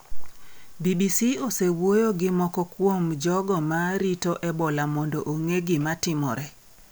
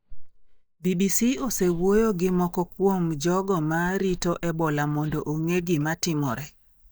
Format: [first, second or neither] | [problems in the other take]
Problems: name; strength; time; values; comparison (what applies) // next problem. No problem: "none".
first | noise reduction (neural mask model DeepFilterNet 3)